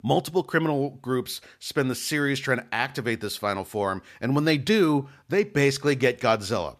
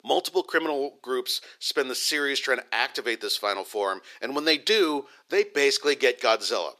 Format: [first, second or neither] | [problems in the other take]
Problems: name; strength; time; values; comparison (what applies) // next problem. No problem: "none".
first | thin; somewhat; fading below 350 Hz